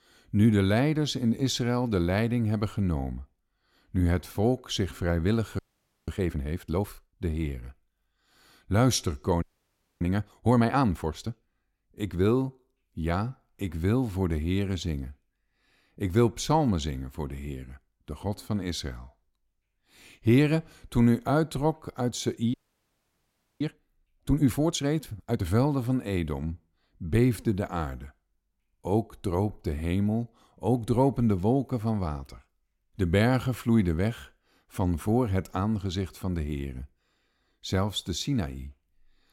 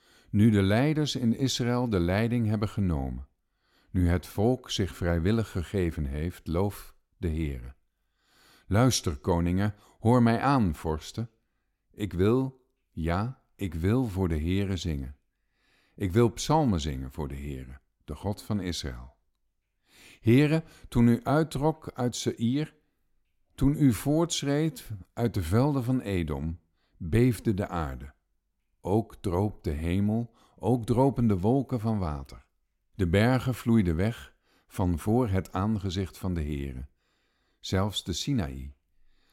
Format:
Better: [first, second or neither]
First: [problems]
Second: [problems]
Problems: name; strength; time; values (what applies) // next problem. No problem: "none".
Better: second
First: audio freezing; at 5.5 s, at 9.5 s for 0.5 s and at 23 s for 1 s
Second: none